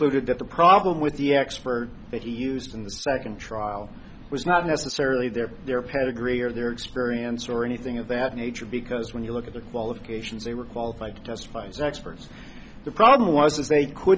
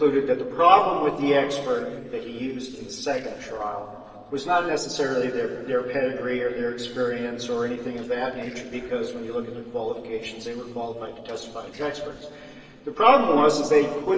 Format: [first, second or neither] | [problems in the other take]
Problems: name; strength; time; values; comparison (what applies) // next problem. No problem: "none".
first | noise reduction (neural separator model SepFormer DNS4)